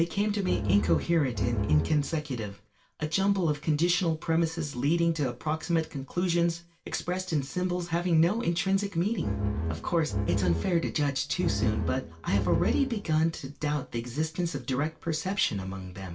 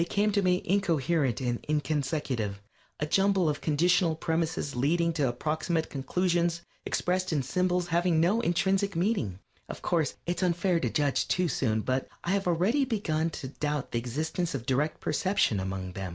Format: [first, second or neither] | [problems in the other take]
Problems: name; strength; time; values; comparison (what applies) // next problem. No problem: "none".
second | background sound (Bowed string instrument); 2 dB below the speech // room echo; dies away in 0.2 s